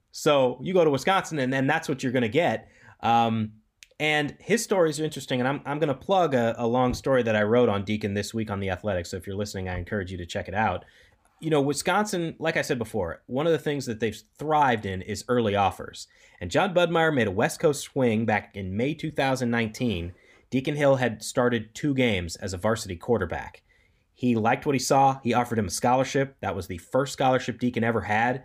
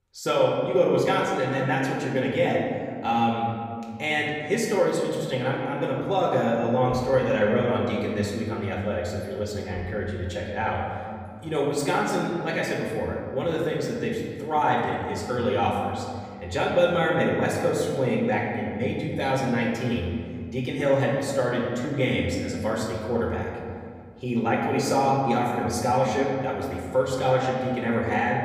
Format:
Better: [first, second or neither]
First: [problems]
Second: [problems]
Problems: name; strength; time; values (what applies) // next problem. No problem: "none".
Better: first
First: none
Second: off-mic speech; far // room echo; noticeable; dies away in 2 s